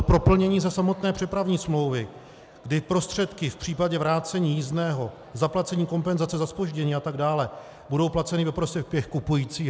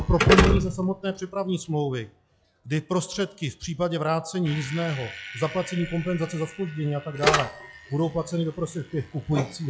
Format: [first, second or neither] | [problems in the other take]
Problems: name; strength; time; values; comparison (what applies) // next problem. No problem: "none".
first | noise reduction (classical method log-MMSE)